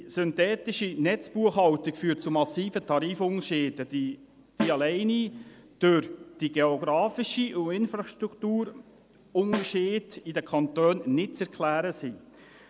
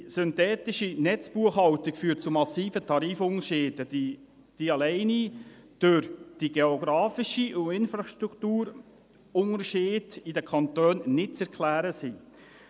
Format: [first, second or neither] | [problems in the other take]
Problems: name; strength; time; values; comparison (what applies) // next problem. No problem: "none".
second | background sound (Snare drum); 9 dB below the speech